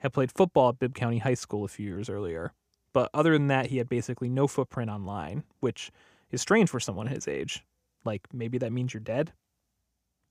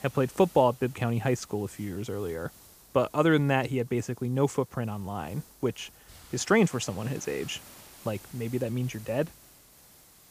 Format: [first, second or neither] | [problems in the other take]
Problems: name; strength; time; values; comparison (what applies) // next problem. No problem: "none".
first | hiss; faint; throughout; 20 dB below the speech